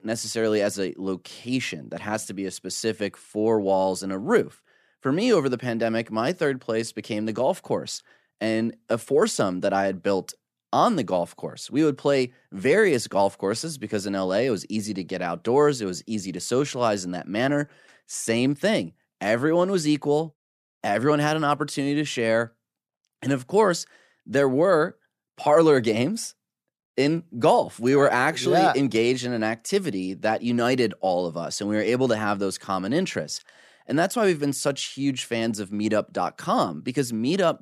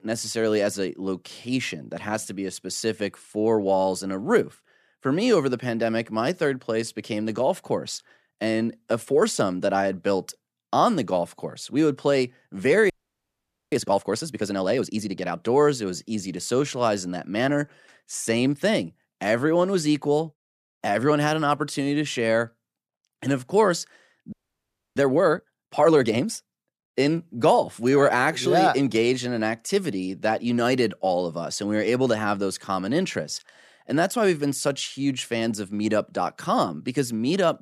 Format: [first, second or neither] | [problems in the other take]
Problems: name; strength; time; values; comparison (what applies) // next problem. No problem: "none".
first | audio freezing; at 13 s for 1 s and at 24 s for 0.5 s